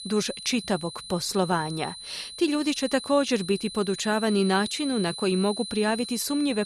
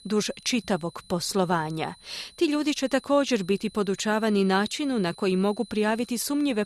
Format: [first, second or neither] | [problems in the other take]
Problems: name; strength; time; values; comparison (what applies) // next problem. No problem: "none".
second | high-pitched whine; loud; throughout; 4 kHz, 10 dB below the speech; faint in the second